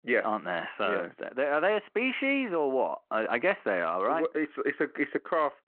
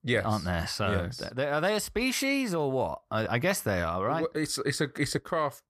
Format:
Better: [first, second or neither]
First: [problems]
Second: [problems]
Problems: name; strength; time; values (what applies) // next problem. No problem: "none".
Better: second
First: phone-call audio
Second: none